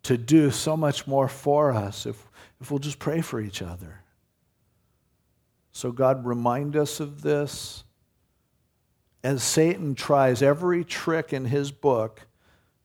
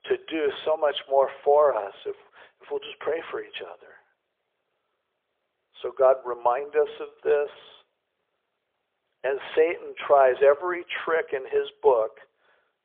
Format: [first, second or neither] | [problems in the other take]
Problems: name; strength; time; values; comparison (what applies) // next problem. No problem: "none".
first | phone-call audio; poor line; nothing above 3.5 kHz